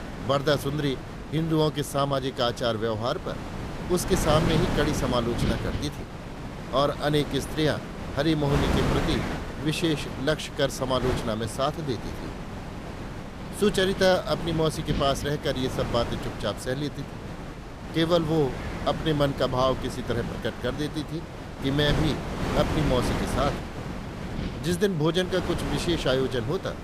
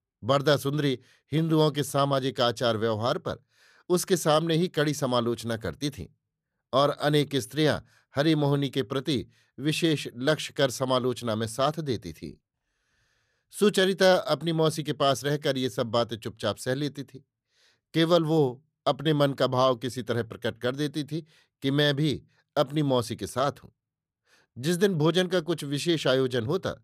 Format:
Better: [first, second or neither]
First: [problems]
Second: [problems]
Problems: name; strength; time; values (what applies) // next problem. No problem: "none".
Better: second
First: wind noise on the microphone; heavy; 7 dB below the speech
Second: none